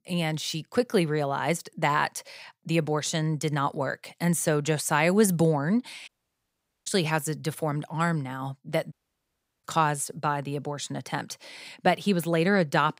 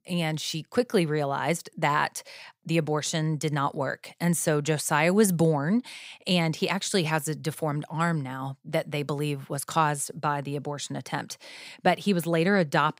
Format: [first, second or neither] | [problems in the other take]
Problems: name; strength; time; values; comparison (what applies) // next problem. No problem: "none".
second | audio cutting out; at 6 s for 1 s and at 9 s for 0.5 s